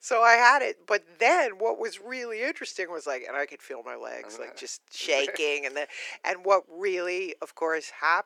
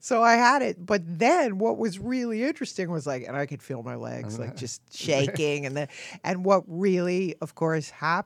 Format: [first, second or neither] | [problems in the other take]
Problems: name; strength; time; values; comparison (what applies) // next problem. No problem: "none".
second | thin; very; fading below 350 Hz